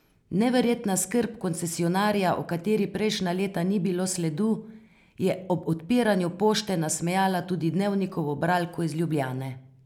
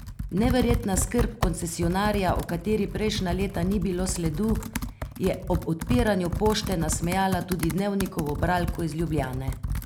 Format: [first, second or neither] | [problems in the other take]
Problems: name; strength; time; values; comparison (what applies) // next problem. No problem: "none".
first | background sound (Computer keyboard); 4 dB below the speech